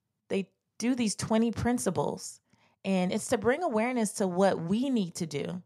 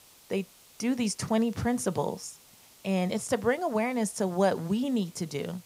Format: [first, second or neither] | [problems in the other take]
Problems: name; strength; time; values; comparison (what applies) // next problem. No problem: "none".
first | hiss; faint; throughout; 25 dB below the speech